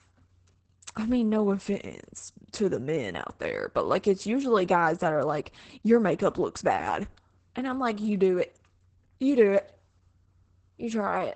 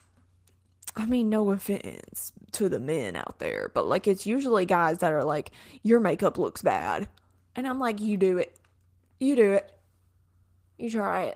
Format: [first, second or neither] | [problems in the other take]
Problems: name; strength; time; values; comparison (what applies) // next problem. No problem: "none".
second | garbled, watery; badly; nothing above 8 kHz; slightly in the second